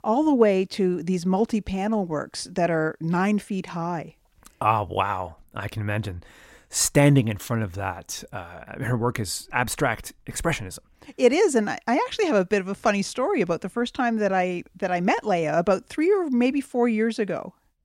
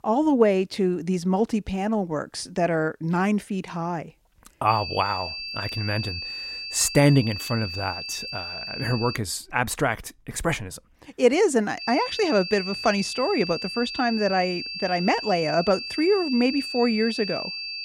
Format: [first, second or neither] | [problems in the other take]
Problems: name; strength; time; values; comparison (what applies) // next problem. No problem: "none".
first | high-pitched whine; loud; from 4.5 to 9 s and from 12 s on; 4.5 kHz, 7 dB below the speech